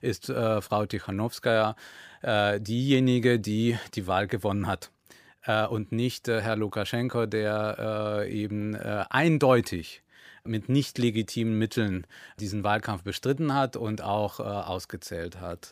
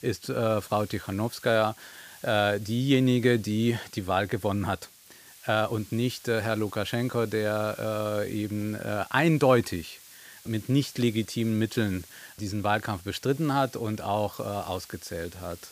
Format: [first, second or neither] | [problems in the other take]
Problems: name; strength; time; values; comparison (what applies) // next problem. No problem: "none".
first | hiss; faint; throughout; 20 dB below the speech